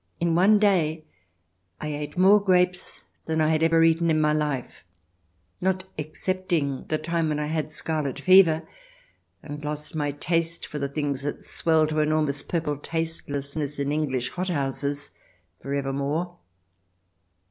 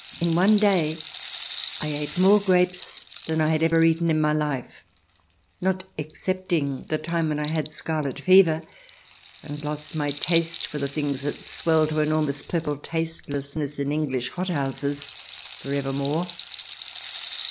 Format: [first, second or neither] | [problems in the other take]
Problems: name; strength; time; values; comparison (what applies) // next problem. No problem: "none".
first | background sound (Rattle (instrument)); 17 dB below the speech